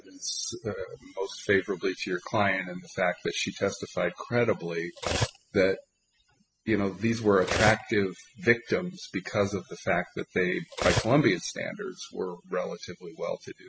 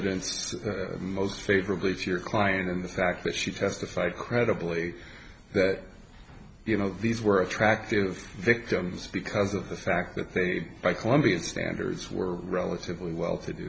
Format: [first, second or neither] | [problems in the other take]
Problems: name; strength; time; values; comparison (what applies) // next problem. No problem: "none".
second | noise reduction (classical method spectral subtraction)